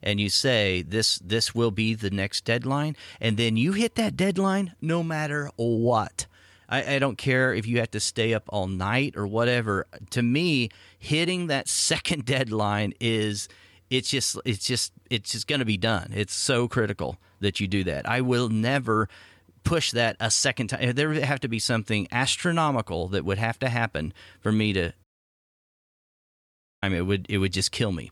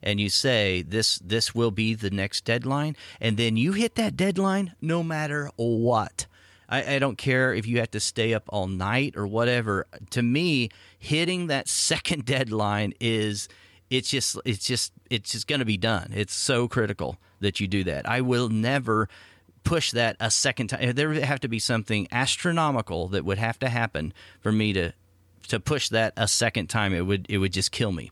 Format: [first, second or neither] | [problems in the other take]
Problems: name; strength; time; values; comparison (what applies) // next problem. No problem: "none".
second | audio cutting out; at 25 s for 2 s